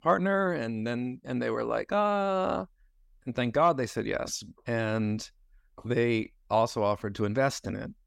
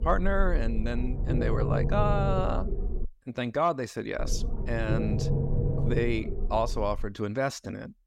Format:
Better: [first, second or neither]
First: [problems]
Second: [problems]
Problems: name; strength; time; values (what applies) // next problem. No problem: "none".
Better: first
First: none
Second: low rumble; loud; until 3 s and from 4 to 7 s; 9 dB below the speech